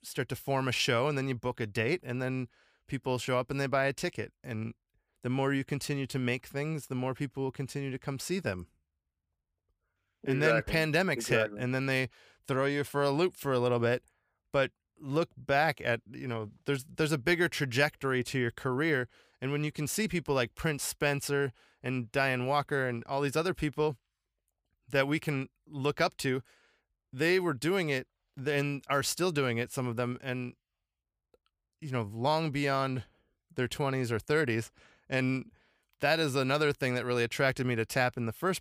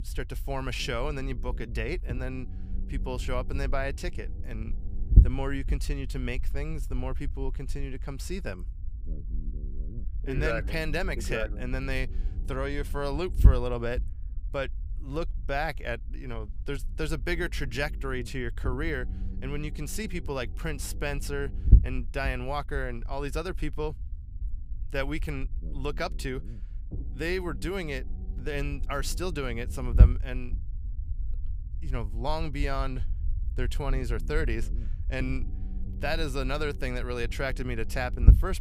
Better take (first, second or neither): first